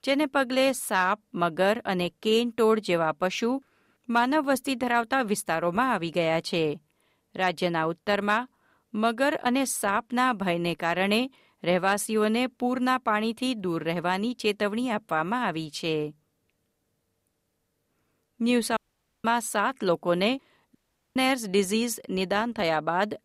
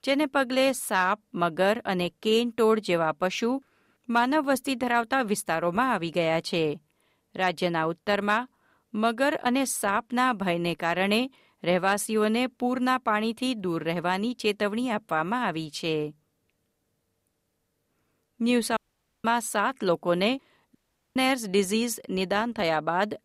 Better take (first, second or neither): neither